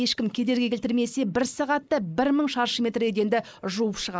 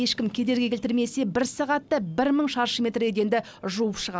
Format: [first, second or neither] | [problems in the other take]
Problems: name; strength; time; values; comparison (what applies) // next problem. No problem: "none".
second | noise reduction (neural mask model Resemble Enhance denoiser)